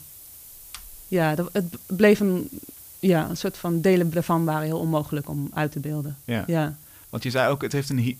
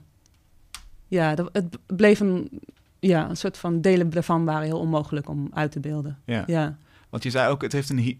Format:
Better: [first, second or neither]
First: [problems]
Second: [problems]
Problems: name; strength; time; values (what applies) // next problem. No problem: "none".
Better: second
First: hiss; noticeable; throughout; 20 dB below the speech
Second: none